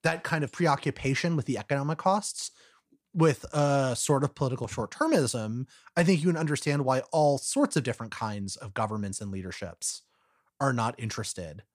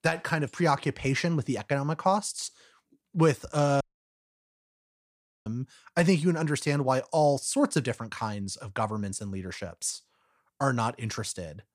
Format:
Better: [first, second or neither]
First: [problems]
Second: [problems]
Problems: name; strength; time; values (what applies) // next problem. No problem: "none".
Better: first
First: none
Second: audio cutting out; at 4 s for 1.5 s